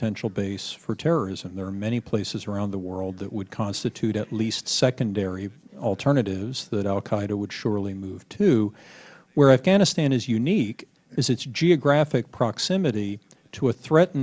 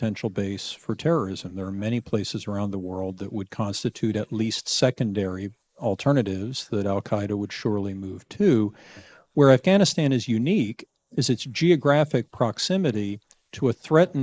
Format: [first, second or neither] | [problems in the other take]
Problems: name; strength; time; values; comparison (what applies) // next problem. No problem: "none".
first | noise reduction (neural mask model Resemble Enhance denoiser)